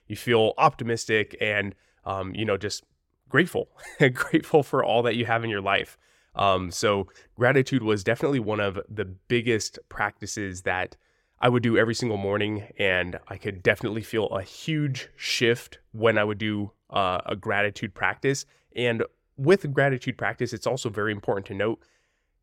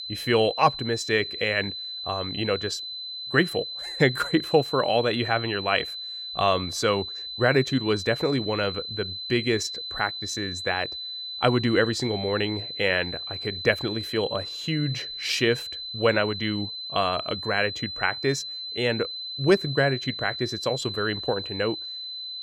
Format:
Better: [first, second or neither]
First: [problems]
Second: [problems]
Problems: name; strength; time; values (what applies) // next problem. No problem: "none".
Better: first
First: none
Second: high-pitched whine; loud; throughout; 4 kHz, 6 dB below the speech